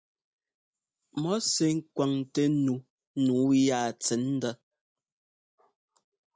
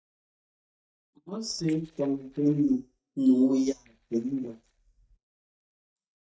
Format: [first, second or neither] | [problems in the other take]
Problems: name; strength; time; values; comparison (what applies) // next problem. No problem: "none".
first | noise reduction (neural mask model DeepFilterNet 3)